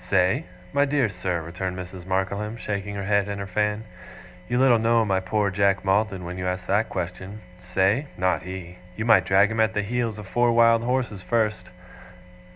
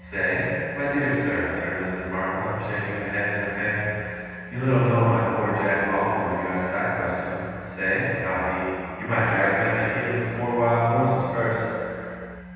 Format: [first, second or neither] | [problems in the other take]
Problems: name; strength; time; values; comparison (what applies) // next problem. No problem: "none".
first | room echo; dies away in 2.1 s